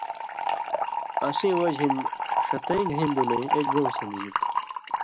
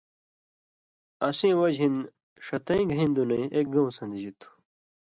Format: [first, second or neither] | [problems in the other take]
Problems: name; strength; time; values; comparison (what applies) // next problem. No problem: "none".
second | background sound (Fill (with liquid) / Trickle, dribble); 1 dB above the speech